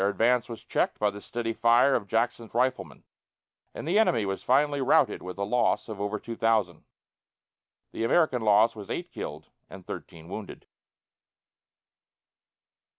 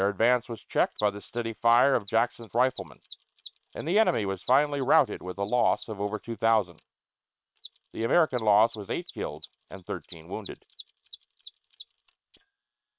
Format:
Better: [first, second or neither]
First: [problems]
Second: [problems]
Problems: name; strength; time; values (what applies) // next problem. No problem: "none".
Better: first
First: none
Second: noise reduction (neural separator model SepFormer WHAM!)